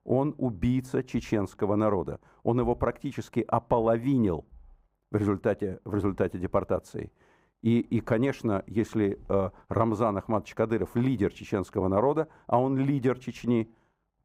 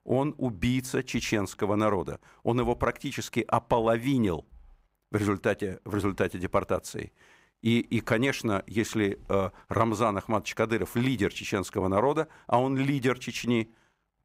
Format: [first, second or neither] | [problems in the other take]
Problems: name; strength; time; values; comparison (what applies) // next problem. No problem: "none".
second | muffled; slightly; fading above 1.5 kHz